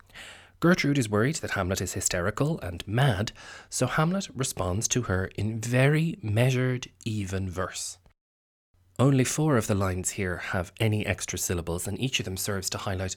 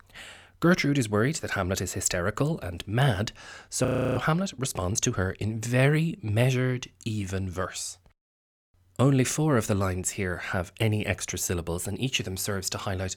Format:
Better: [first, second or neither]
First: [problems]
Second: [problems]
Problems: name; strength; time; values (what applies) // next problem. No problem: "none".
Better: first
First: none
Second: audio freezing; at 4 s